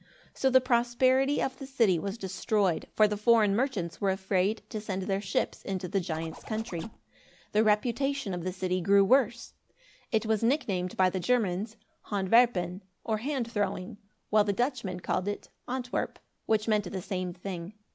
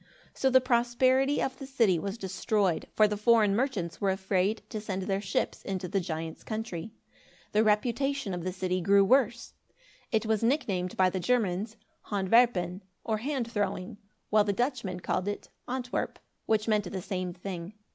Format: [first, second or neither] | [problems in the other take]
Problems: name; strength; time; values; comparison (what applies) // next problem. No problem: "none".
second | background sound (Zipper (clothing)); 19 dB below the speech